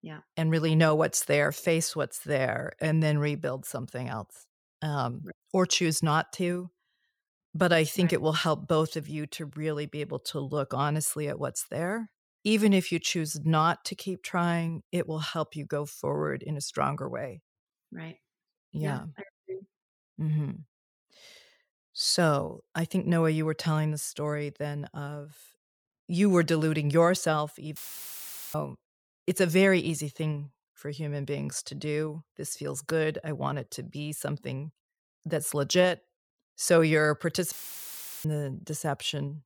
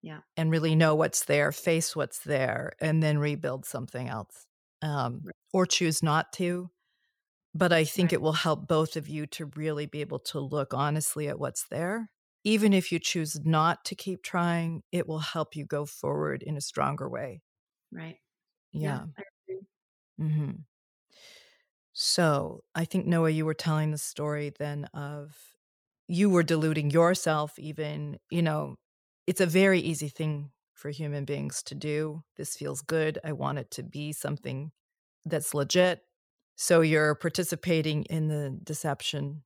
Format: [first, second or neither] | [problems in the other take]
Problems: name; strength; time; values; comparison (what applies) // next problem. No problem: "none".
second | audio cutting out; filled with static; at 28 s for 1 s and at 38 s for 0.5 s